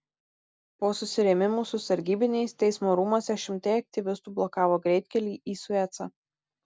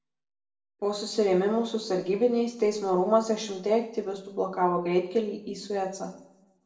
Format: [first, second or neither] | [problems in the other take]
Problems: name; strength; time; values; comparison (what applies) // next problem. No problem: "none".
first | room echo; dies away in 0.7 s